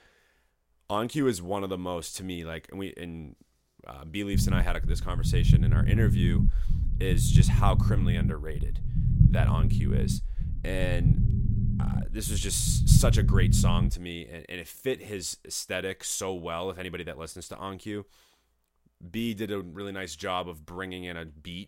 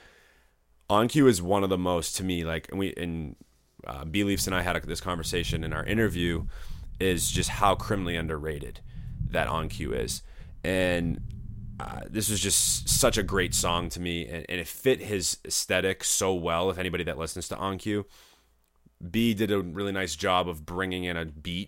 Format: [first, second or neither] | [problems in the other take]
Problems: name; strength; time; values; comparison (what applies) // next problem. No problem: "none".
second | low rumble; loud; from 4.5 to 14 s; 4 dB below the speech; faint in the second